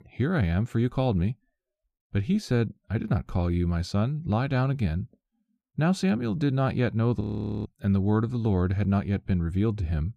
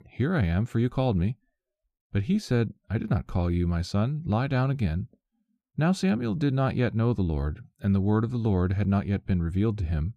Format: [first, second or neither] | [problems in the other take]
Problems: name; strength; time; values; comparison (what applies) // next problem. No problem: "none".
second | audio freezing; at 7 s